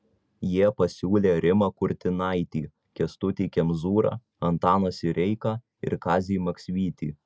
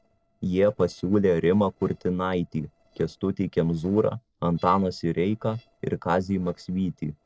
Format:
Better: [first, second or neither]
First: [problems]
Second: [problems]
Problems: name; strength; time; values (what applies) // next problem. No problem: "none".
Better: first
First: none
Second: noise reduction (neural separator model SepFormer DNS4)